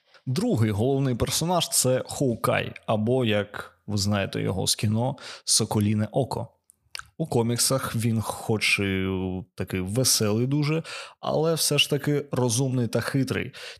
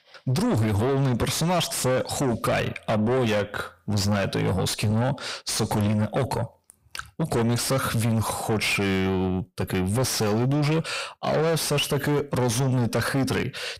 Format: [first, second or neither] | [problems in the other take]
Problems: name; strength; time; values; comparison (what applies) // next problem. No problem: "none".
first | distortion; heavy; 6 dB below the speech